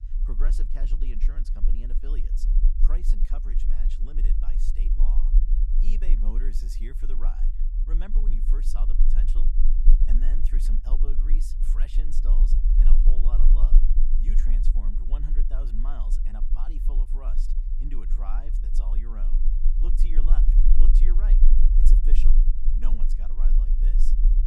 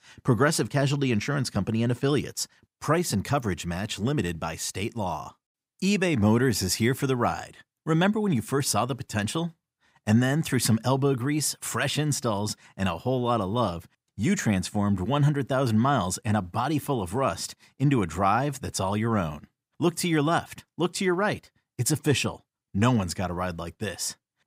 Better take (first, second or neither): second